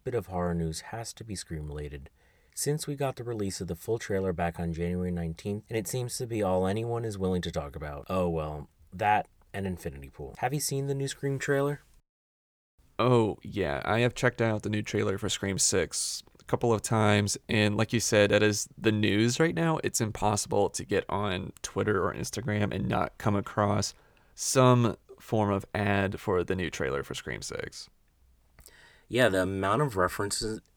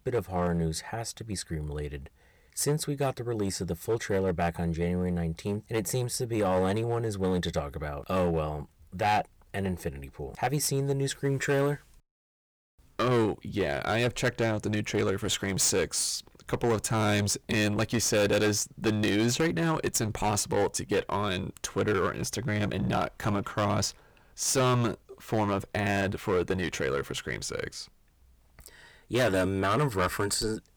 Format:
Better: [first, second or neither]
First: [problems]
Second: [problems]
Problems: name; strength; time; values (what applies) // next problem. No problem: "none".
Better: first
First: none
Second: distortion; heavy; 8% of the sound clipped